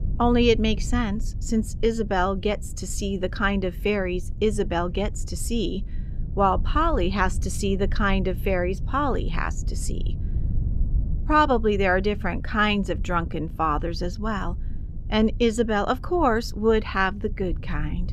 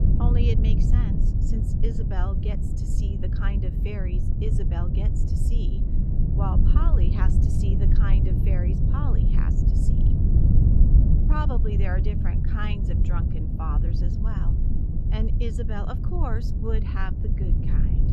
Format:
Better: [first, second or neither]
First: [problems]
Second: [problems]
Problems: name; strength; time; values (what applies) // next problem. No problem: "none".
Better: first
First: low rumble; faint; throughout; 25 dB below the speech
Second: low rumble; loud; throughout; 1 dB below the speech